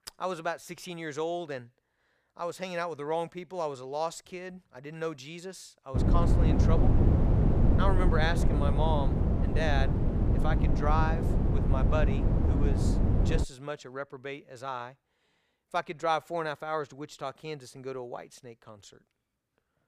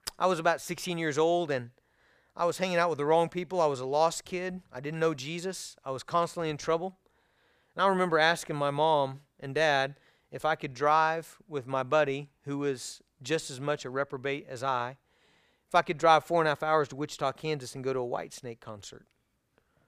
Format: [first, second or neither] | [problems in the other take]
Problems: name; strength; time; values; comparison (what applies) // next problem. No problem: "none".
second | wind noise on the microphone; heavy; from 6 to 13 s; 2 dB below the speech